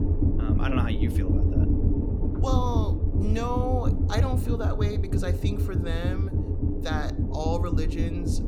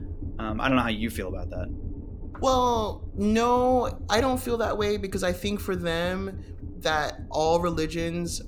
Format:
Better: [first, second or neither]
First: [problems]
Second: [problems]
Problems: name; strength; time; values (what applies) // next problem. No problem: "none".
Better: second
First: low rumble; loud; throughout; 3 dB below the speech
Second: low rumble; faint; throughout; 25 dB below the speech